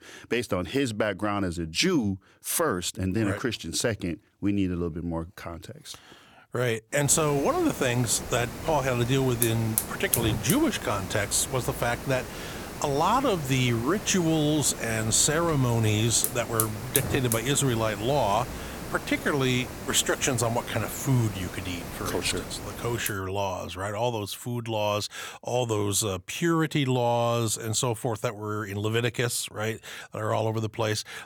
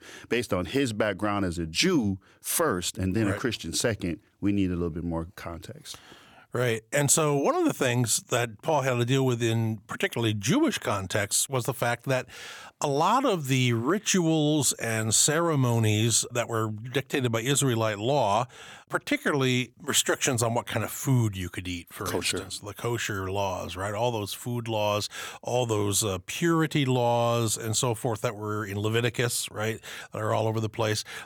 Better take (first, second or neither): second